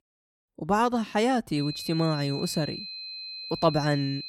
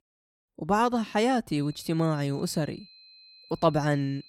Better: second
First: high-pitched whine; loud; from 1.5 s on; 4 kHz, 9 dB below the speech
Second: high-pitched whine; faint; from 1.5 s on; 4 kHz, 25 dB below the speech

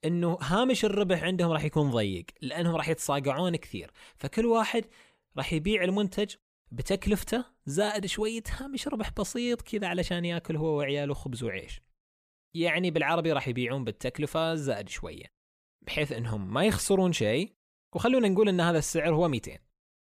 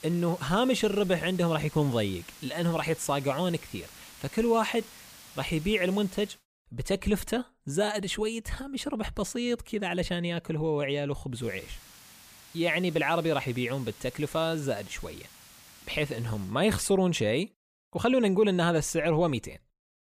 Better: first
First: none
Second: hiss; noticeable; until 6.5 s and from 11 to 17 s; 20 dB below the speech

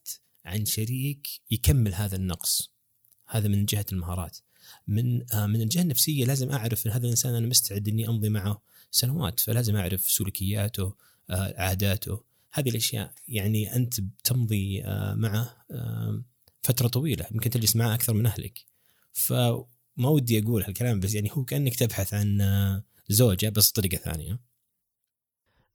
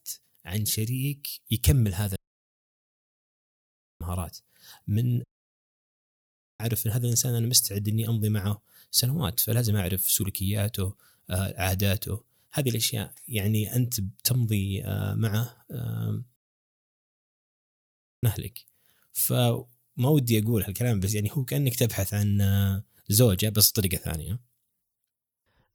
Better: first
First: none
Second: audio cutting out; at 2 s for 2 s, at 5 s for 1.5 s and at 16 s for 2 s

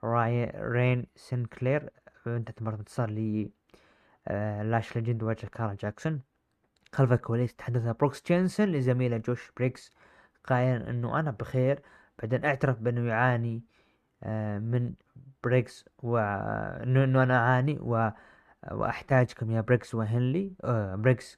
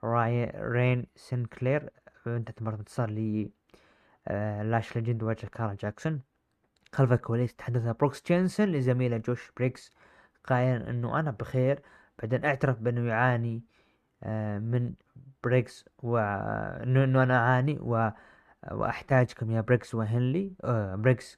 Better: neither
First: muffled; slightly; fading above 3 kHz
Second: muffled; slightly; fading above 3 kHz

